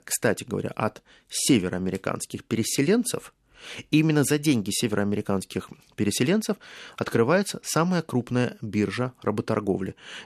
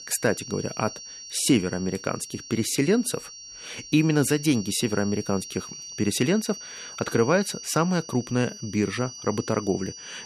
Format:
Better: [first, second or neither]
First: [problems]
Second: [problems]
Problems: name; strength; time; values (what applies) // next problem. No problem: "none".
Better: first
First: none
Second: high-pitched whine; noticeable; throughout; 5.5 kHz, 15 dB below the speech